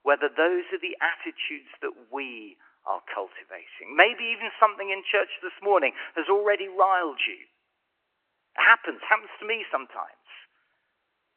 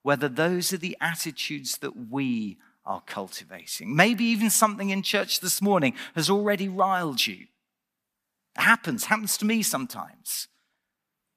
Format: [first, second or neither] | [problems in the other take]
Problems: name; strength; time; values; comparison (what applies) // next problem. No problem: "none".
second | phone-call audio; nothing above 3 kHz